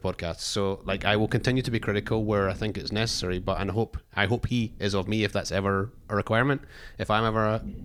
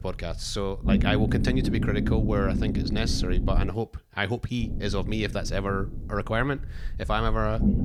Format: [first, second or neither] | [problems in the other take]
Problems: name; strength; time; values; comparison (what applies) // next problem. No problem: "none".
first | low rumble; loud; until 3.5 s and from 4.5 s on; 6 dB below the speech; faint in the first